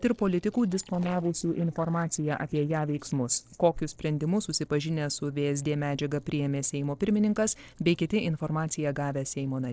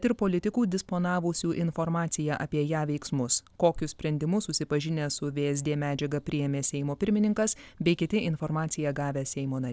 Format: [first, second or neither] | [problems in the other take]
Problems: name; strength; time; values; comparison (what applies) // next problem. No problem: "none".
second | noise reduction (neural separator model SepFormer DNS4)